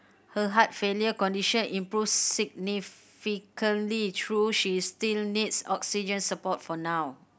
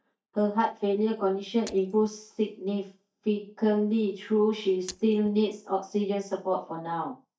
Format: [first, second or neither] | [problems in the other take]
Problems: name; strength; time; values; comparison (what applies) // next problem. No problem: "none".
first | noise reduction (neural mask model DeepFilterNet 3)